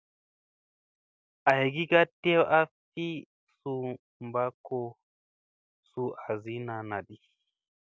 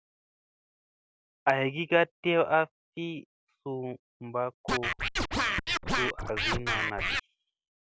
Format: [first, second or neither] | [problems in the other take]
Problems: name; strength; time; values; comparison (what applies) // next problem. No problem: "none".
first | background sound (Scratching (performance technique)); 2 dB above the speech